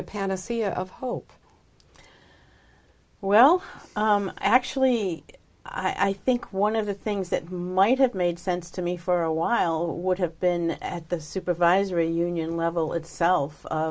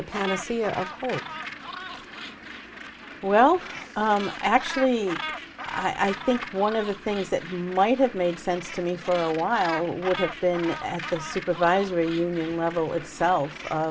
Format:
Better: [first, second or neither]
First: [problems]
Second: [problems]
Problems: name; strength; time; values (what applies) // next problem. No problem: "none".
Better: first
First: none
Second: background sound (Gull, seagull); 11 dB below the speech